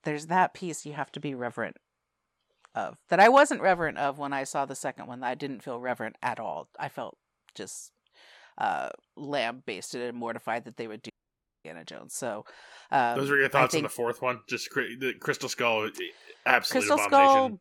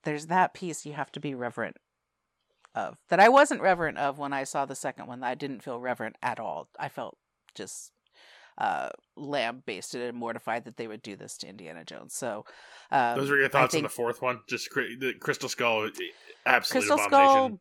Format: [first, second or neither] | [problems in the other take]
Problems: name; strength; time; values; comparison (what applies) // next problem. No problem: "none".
second | audio cutting out; at 11 s for 0.5 s